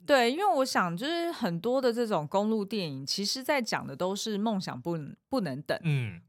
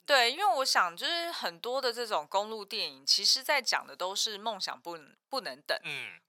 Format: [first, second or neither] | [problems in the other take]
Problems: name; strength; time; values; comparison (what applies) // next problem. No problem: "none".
first | thin; very; fading below 800 Hz